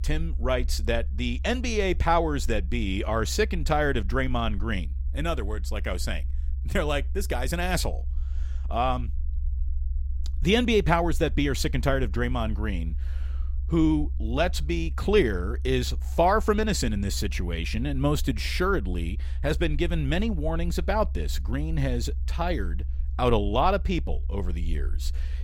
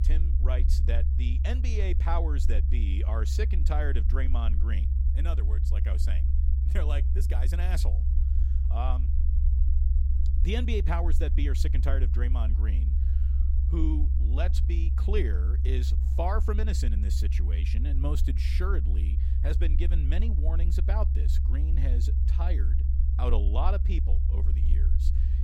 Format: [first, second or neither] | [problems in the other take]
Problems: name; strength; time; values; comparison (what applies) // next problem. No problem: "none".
first | low rumble; loud; throughout; 7 dB below the speech; faint in the first